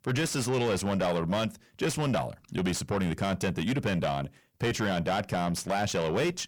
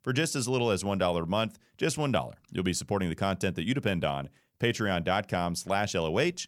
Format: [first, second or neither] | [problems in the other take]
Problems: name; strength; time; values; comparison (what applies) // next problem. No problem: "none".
second | distortion; heavy; 7 dB below the speech